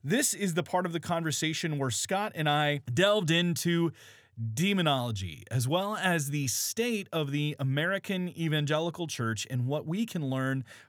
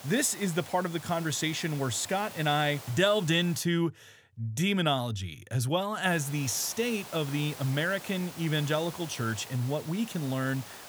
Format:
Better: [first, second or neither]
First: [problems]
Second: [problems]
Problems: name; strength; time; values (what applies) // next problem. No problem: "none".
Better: first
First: none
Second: hiss; noticeable; until 3.5 s and from 6 s on; 15 dB below the speech